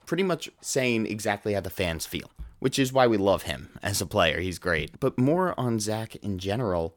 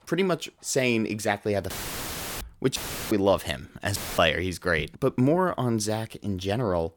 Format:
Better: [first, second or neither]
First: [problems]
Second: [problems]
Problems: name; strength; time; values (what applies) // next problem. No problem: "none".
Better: first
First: none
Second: audio cutting out; filled with static; at 1.5 s for 0.5 s, at 3 s and at 4 s